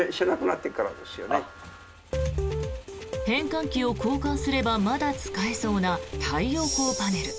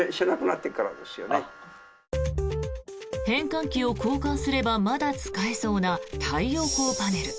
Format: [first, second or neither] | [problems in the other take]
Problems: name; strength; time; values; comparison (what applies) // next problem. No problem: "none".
second | background sound (Motorcycle); 19 dB below the speech